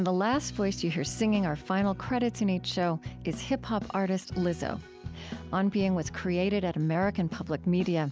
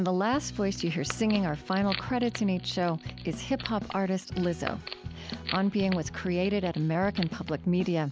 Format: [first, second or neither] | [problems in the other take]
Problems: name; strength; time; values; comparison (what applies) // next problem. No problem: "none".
first | background sound (Wood); 14 dB below the speech